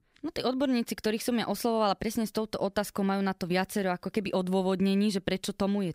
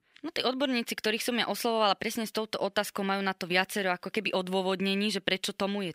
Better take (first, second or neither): first